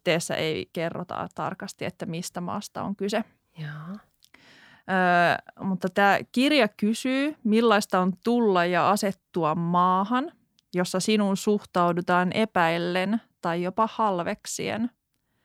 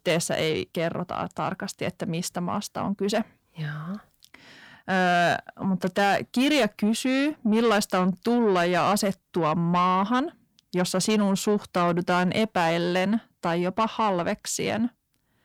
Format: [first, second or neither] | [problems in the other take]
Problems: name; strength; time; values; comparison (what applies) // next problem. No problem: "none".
first | distortion; slight; 10 dB below the speech